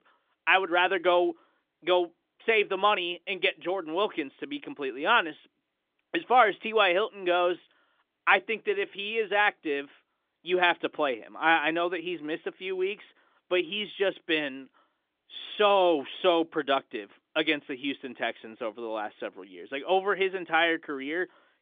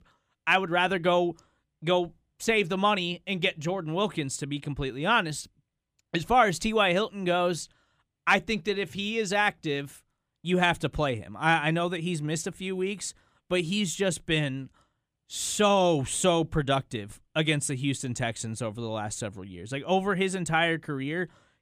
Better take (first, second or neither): second